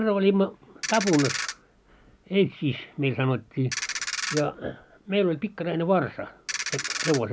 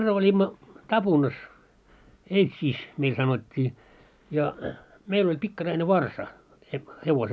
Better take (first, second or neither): second